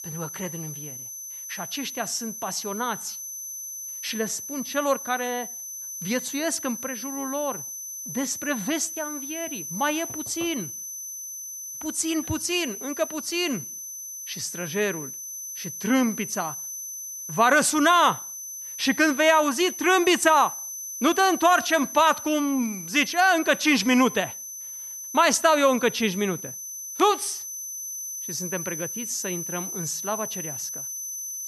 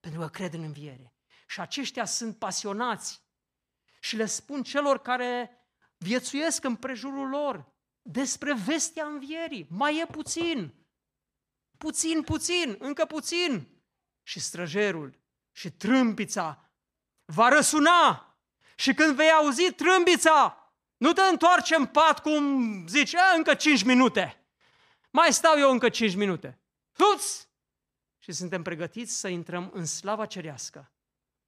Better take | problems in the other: second | high-pitched whine; loud; throughout; 6 kHz, 9 dB below the speech

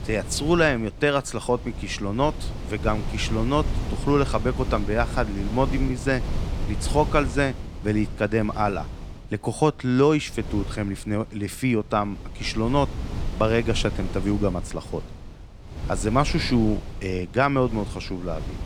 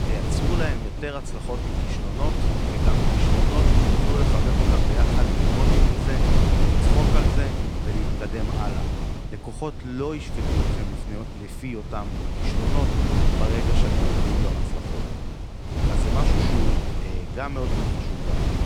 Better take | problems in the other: first | wind noise on the microphone; heavy; 4 dB above the speech; occasional gusts in the first

